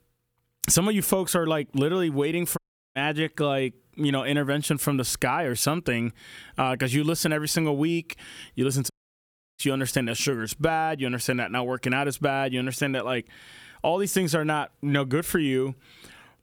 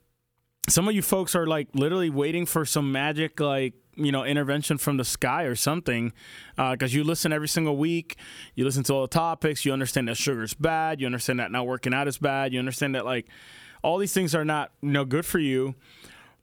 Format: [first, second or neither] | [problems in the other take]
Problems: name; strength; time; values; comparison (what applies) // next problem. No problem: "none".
second | audio cutting out; at 2.5 s and at 9 s for 0.5 s